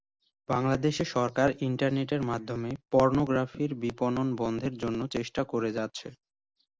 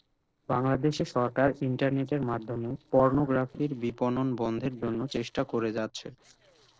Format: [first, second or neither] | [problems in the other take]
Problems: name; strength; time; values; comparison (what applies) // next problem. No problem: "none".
first | noise reduction (neural separator model SepFormer DNS4)